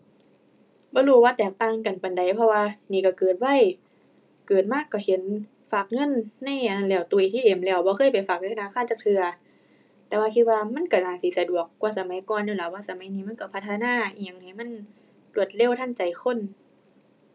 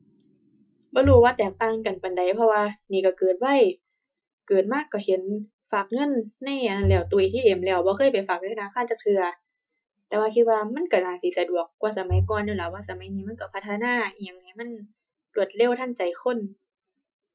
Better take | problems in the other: first | noise reduction (classical method Wiener filter)

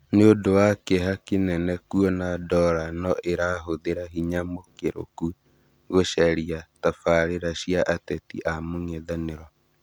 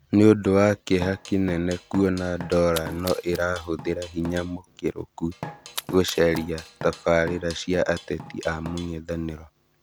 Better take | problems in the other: first | background sound (Splash, splatter + Drum kit); 15 dB below the speech

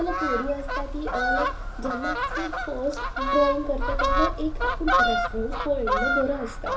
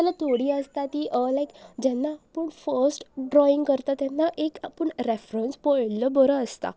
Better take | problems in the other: second | background sound (Fowl); 3 dB above the speech // room echo; dies away in 0.3 s

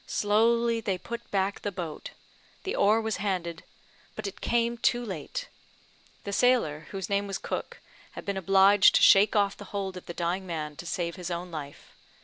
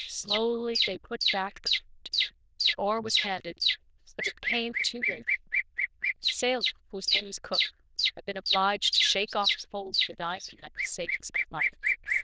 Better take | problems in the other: first | noise reduction (neural diffusion model UNIVERSE++)

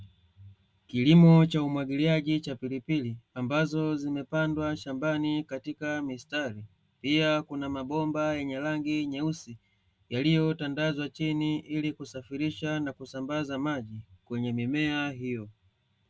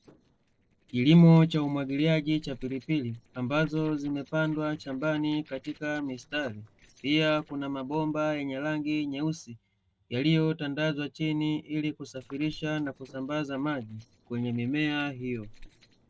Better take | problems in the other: first | noise reduction (neural separator model SepFormer DNS4)

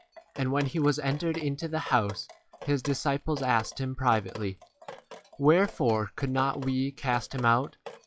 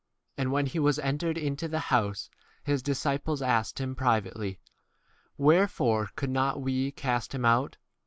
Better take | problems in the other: second | noise reduction (classical method log-MMSE)

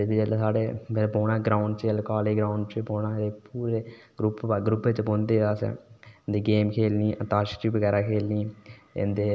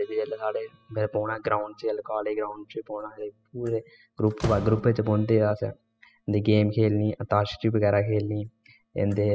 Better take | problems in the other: first | noise reduction (classical method spectral subtraction)

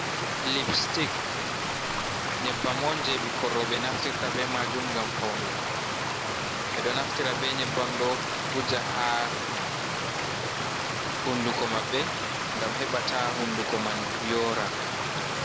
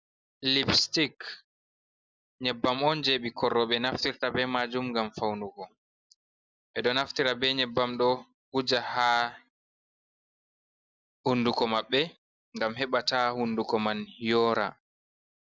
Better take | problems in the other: second | background sound (Stream); 2 dB above the speech

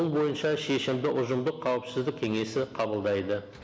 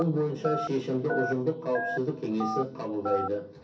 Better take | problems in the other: first | background sound (Telephone); 7 dB below the speech // room echo; dies away in 0.3 s

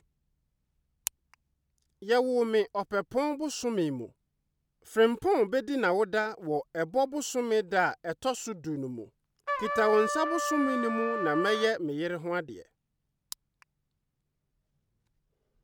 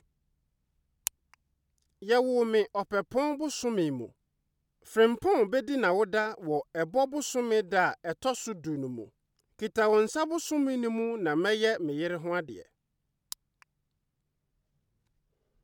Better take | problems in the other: second | background sound (Trumpet); 3 dB below the speech

